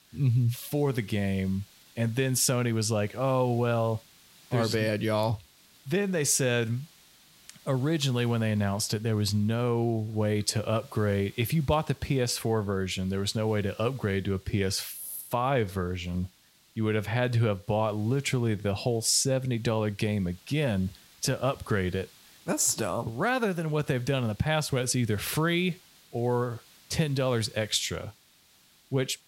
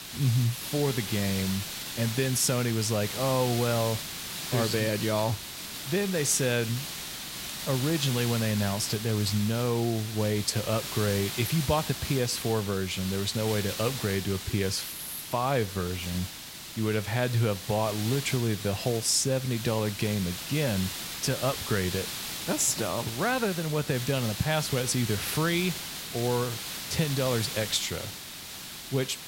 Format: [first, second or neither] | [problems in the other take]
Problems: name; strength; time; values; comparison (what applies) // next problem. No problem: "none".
first | hiss; loud; throughout; 6 dB below the speech; faint in the first